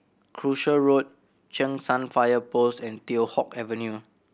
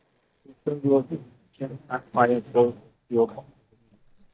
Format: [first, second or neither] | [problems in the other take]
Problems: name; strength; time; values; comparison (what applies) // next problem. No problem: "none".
first | noise reduction (neural mask model DeepFilterNet 3)